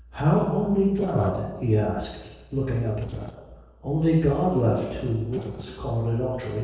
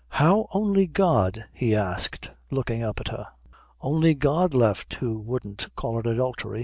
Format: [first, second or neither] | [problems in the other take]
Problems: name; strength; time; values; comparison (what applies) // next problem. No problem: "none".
second | noise reduction (neural separator model SepFormer DNS4)